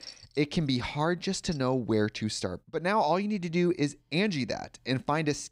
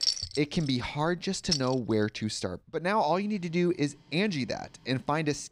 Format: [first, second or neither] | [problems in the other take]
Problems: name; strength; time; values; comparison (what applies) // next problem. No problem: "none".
first | household noises; loud; throughout; 4 dB below the speech; faint in the first